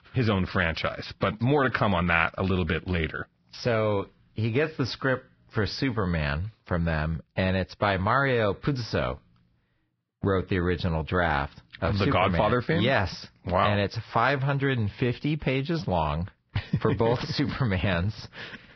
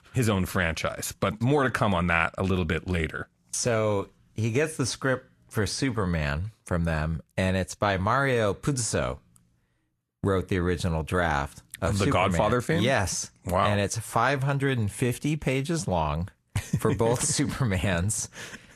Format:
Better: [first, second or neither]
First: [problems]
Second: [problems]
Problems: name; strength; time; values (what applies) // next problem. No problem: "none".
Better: second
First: garbled, watery; badly; nothing above 5.5 kHz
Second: garbled, watery; slightly; nothing above 11.5 kHz